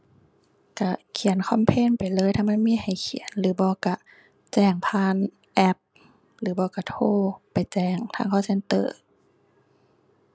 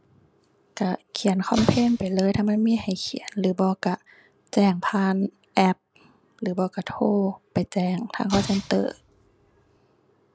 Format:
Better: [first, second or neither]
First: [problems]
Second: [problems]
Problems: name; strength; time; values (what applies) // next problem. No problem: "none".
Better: first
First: none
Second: background sound (Explosion); 13 dB below the speech